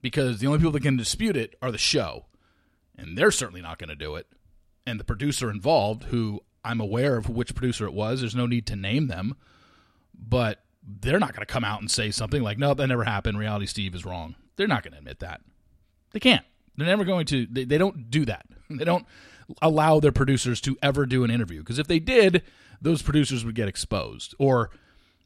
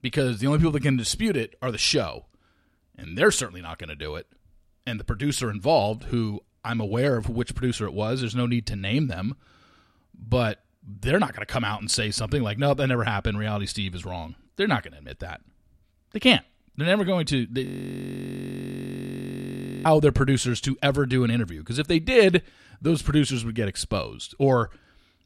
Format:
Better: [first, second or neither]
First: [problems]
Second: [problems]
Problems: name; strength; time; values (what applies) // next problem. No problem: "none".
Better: first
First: none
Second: audio freezing; at 18 s for 2 s